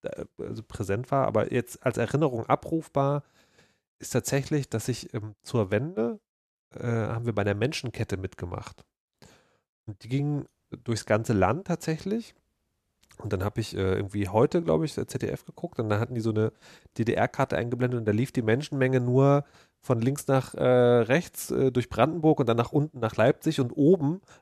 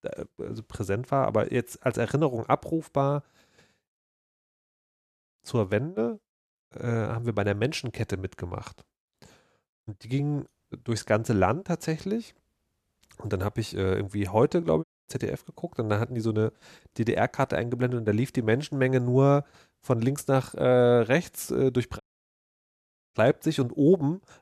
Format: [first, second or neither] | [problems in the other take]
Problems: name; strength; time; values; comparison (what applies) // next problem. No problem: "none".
first | audio cutting out; at 4 s for 1.5 s, at 15 s and at 22 s for 1 s